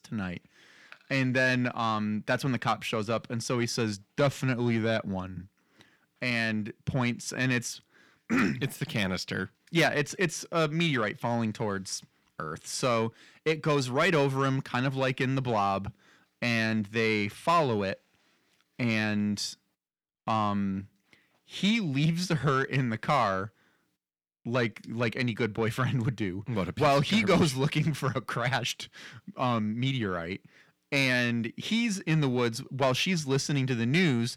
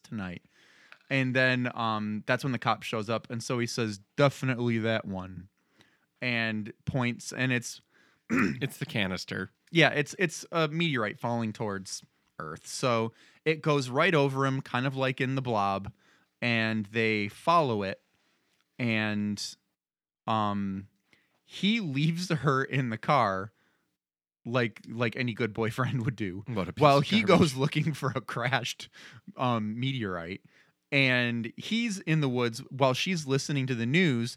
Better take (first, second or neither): second